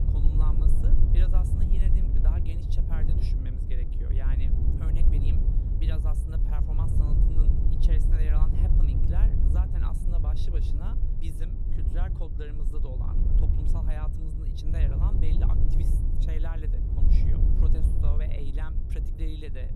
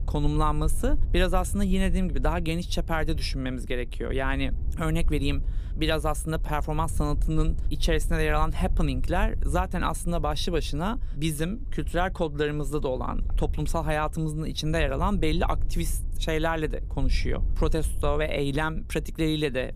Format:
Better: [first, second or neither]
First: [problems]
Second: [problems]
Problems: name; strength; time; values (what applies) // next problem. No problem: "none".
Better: second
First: wind noise on the microphone; heavy; 2 dB above the speech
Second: wind noise on the microphone; occasional gusts; 20 dB below the speech